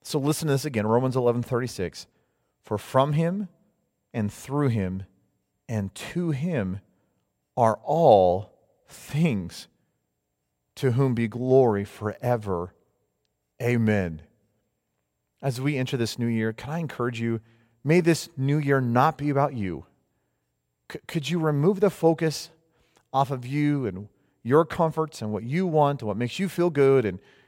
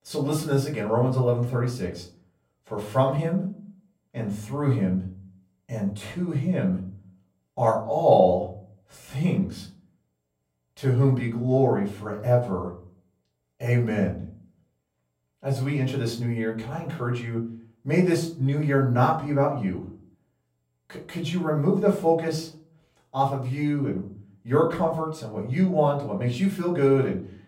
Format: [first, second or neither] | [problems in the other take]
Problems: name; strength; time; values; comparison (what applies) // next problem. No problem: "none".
first | off-mic speech; far // room echo; slight; dies away in 0.4 s